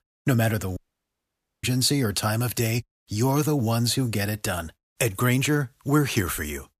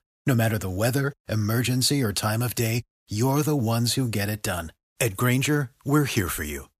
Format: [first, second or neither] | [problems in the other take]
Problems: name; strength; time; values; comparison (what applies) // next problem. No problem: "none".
second | audio cutting out; at 1 s for 1 s